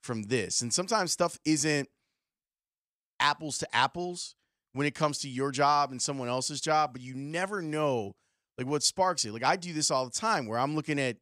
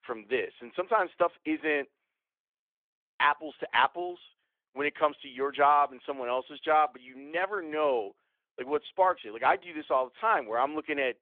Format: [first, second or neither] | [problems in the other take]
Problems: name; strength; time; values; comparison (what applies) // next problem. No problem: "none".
first | phone-call audio